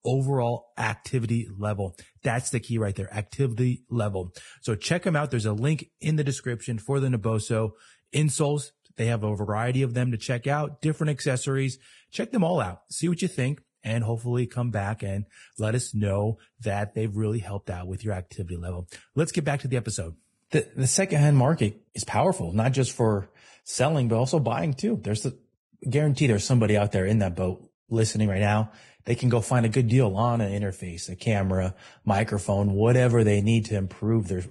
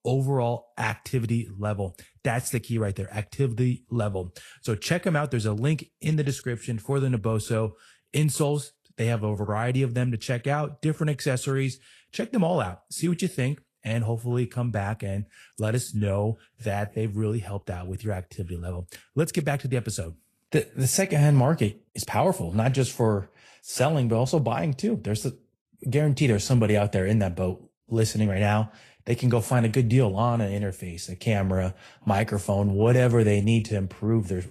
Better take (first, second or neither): second